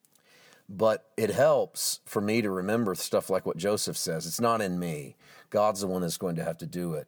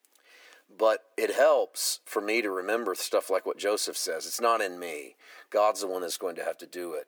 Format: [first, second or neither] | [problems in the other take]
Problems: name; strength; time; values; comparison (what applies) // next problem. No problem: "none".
first | thin; very; fading below 300 Hz